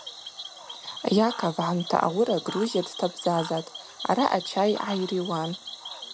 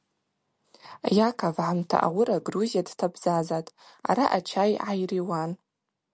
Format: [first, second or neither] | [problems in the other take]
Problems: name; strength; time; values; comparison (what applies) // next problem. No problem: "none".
second | background sound (Cricket / Frog); 13 dB below the speech